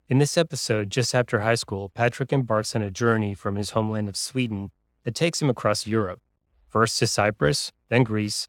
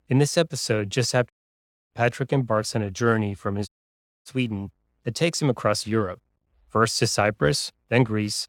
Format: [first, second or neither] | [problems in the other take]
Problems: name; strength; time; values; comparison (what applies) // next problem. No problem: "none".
first | audio cutting out; at 1.5 s for 0.5 s and at 3.5 s for 0.5 s